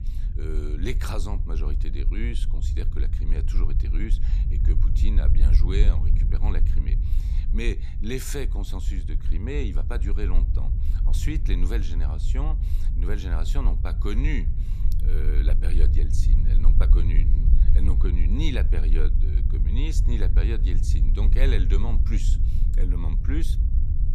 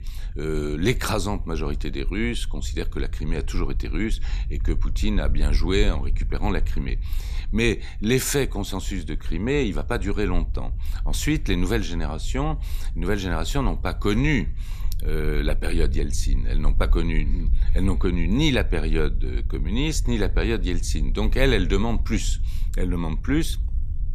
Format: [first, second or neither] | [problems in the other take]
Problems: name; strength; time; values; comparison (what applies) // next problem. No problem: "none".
second | low rumble; loud; throughout; 7 dB below the speech; faint in the second